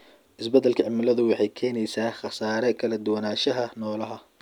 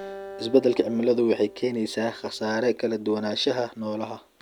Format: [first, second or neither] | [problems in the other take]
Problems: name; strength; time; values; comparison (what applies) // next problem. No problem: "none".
first | background sound (Acoustic guitar); 18 dB below the speech